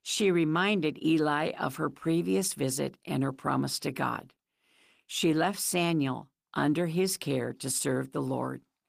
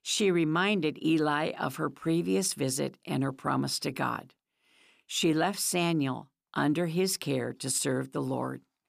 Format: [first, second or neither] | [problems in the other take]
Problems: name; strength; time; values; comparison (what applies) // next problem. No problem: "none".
second | garbled, watery; slightly; nothing above 15 kHz